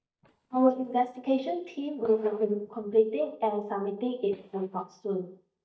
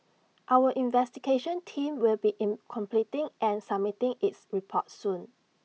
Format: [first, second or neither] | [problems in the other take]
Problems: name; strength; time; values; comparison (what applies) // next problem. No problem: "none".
second | noise reduction (neural mask model DeepFilterNet 3)